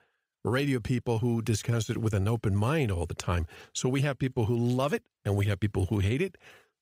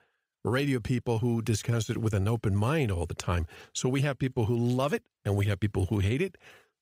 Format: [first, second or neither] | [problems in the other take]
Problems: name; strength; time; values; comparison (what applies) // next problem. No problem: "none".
neither | none